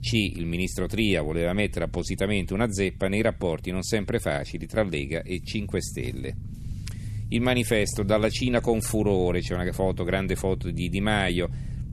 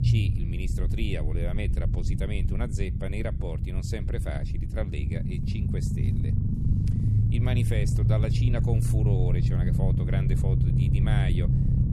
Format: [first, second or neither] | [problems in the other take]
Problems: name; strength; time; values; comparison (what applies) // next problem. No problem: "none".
first | low rumble; loud; throughout; 1 dB below the speech; faint in the first